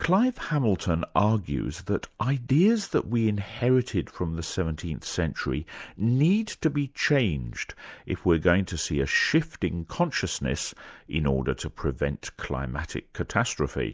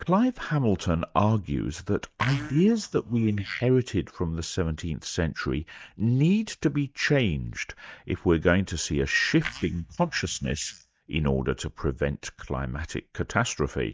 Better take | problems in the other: first | noise reduction (neural mask model DeepFilterNet 3)

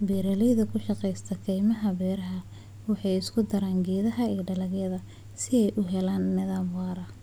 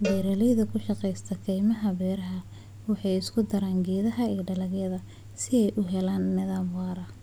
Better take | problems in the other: first | background sound (Cowbell); 13 dB below the speech

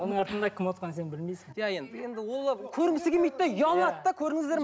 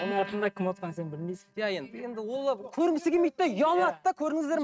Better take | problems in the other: first | noise reduction (neural mask model RNNoise)

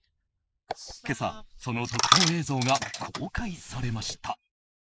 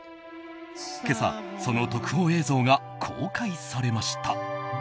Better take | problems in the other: second | noise reduction (neural mask model Resemble Enhance denoiser)

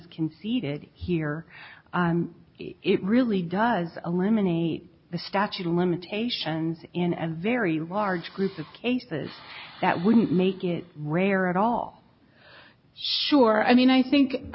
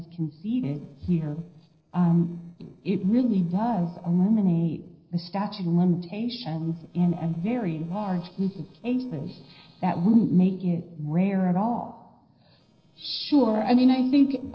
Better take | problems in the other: first | noise reduction (neural separator model SepFormer DNS4)

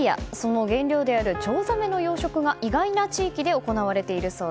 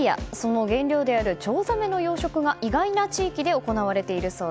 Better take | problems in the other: second | background sound (Piano); 14 dB below the speech

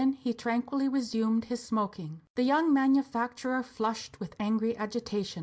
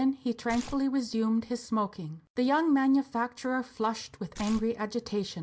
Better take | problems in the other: first | background sound (Tearing); 15 dB below the speech

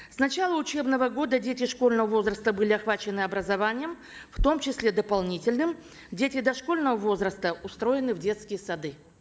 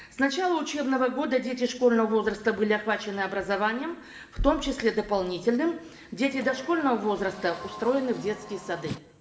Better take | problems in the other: first | background sound (Car); 16 dB below the speech // room echo; dies away in 0.8 s

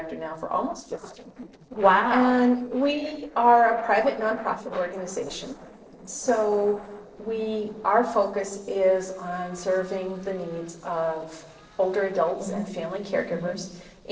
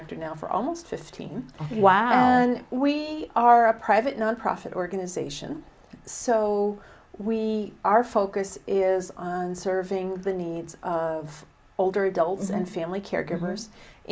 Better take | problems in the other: second | noise reduction (neural separator model SepFormer DNS4)

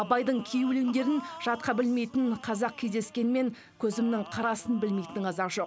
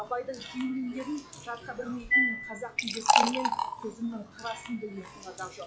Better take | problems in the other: first | noise reduction (classical method log-MMSE)

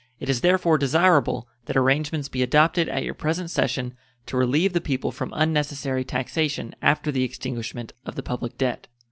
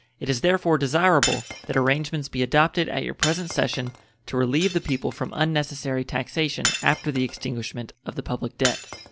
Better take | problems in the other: first | background sound (Shatter); 10 dB below the speech

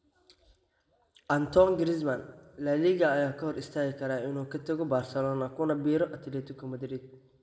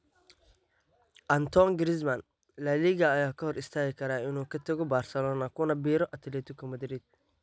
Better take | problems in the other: second | room echo; dies away in 1.1 s

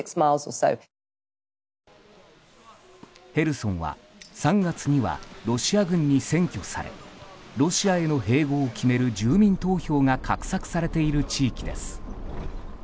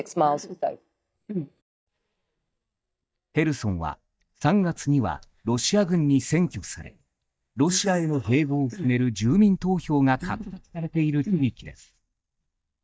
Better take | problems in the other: first | noise reduction (neural mask model DeepFilterNet 3)

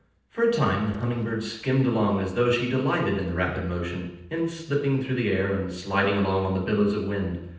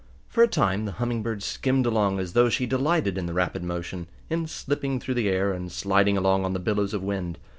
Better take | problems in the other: second | noise reduction (neural separator model SepFormer DNS4)

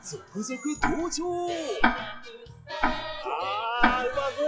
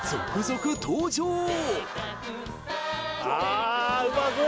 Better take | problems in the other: second | noise reduction (classical method log-MMSE)

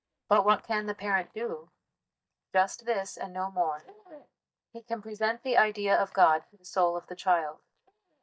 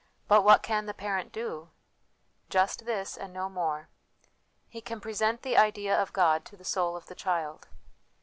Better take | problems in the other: second | noise reduction (neural mask model DeepFilterNet 3)

